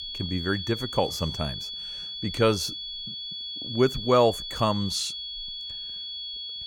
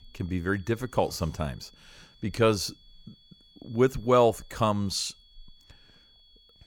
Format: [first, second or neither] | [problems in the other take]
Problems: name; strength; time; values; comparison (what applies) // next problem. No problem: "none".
second | high-pitched whine; loud; throughout; 3.5 kHz, 7 dB below the speech; faint in the second